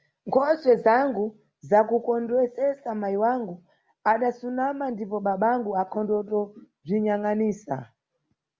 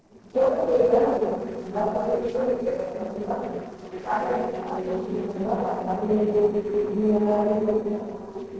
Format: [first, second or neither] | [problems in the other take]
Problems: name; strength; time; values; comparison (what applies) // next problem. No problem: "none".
first | noise reduction (neural separator model SepFormer DNS4)